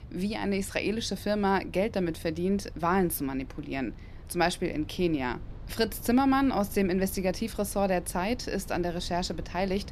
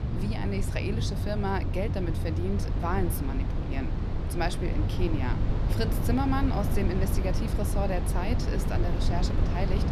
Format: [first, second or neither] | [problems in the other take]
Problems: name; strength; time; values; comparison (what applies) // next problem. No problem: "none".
first | low rumble; loud; throughout; 5 dB below the speech; faint in the first